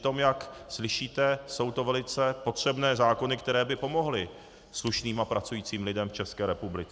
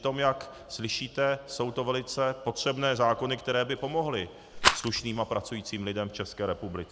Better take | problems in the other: first | background sound (Rattle); 2 dB above the speech

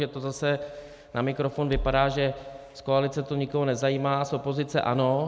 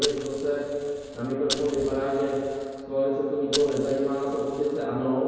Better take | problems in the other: first | background sound (Fire); 11 dB below the speech // room echo; dies away in 2.2 s

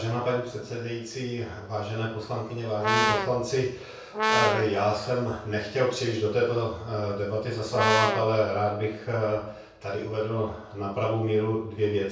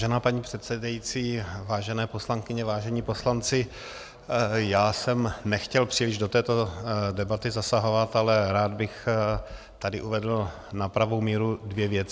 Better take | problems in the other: second | background sound (Brass instrument); 1 dB above the speech // room echo; dies away in 0.6 s

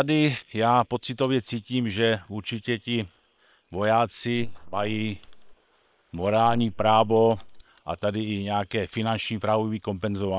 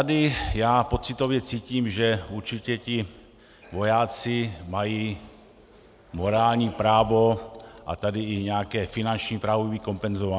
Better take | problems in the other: second | noise reduction (neural separator model SepFormer WHAM!)

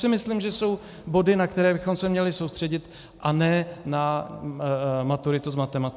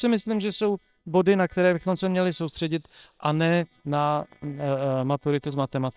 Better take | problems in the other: first | noise reduction (neural separator model SepFormer WHAM!)

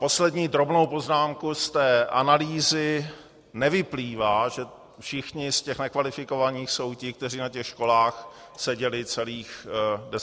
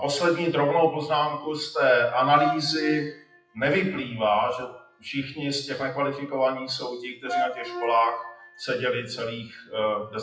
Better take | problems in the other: first | noise reduction (classical method WPE with log-MMSE)

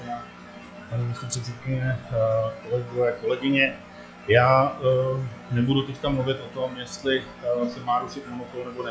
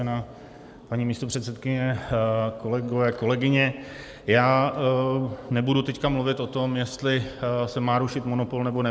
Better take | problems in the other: second | noise reduction (classical method log-MMSE)

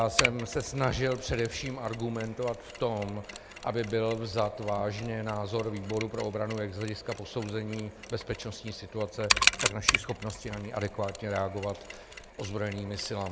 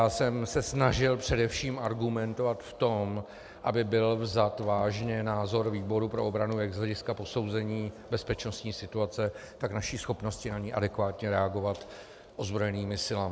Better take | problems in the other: second | background sound (Mechanisms); 3 dB below the speech

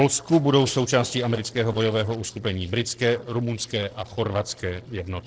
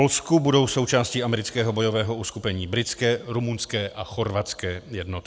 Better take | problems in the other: second | noise reduction (neural separator model SepFormer DNS4)

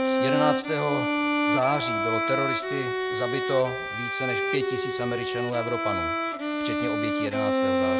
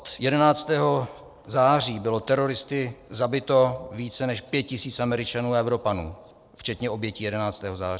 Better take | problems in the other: second | background sound (Bowed string instrument); 4 dB above the speech

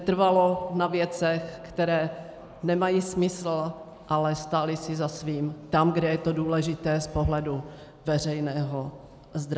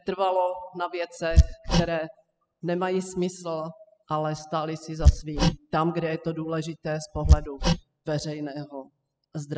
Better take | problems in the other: first | noise reduction (classical method spectral subtraction)

